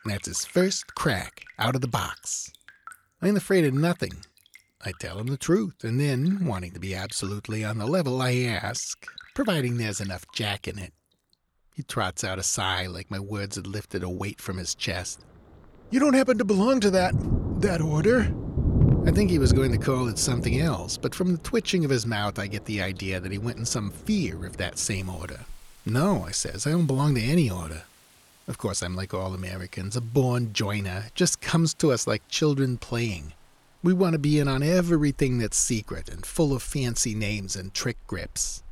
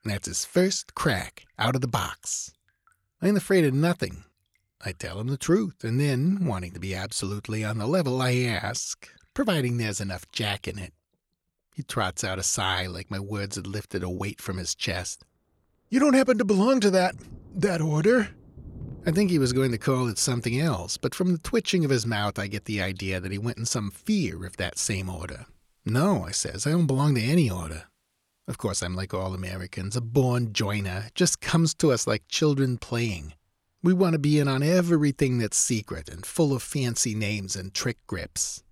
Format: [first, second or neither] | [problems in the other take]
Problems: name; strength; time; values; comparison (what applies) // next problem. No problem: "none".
second | rain or running water; loud; throughout; 5 dB below the speech; faint in the second